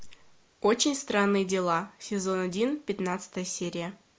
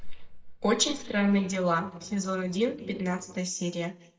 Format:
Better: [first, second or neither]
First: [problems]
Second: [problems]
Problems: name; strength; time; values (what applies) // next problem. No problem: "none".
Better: first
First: none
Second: noise reduction (neural mask model DeepFilterNet 3)